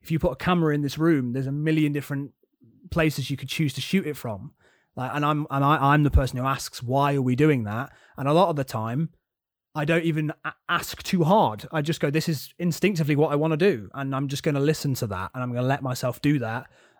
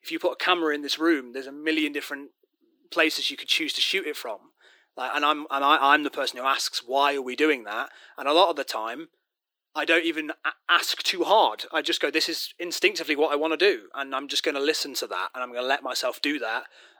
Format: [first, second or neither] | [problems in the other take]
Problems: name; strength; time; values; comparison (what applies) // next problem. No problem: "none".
first | thin; very; fading below 350 Hz